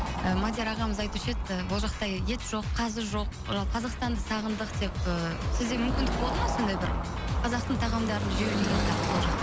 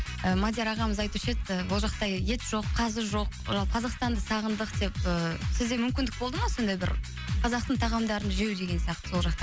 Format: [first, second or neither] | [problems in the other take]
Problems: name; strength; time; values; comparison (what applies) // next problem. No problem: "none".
second | background sound (Car passing by / Traffic noise, roadway noise); 4 dB below the speech